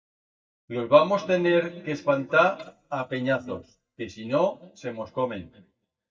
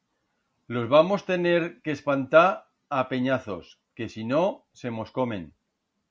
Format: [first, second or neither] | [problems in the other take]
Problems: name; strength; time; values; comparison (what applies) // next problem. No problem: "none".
second | noise reduction (neural mask model DeepFilterNet 3)